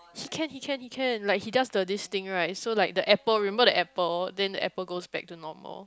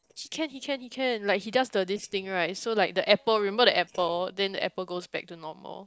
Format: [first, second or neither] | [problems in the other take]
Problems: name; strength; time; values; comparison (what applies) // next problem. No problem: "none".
first | noise reduction (neural separator model SepFormer DNS4)